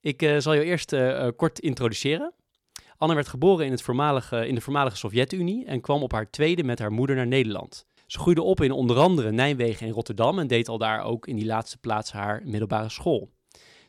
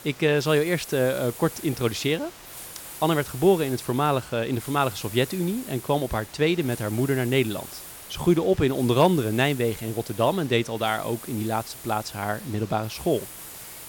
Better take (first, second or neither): first